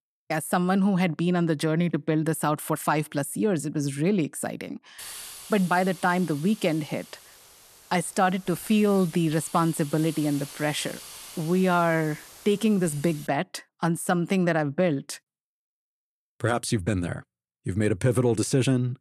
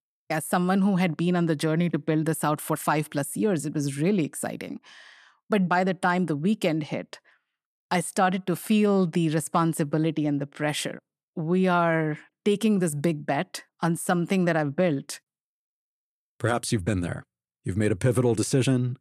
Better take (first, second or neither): second